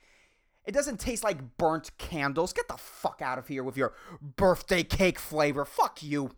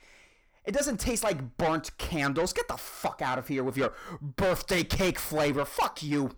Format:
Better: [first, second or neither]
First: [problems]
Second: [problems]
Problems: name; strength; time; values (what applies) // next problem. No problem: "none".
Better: first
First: none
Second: distortion; heavy; 7 dB below the speech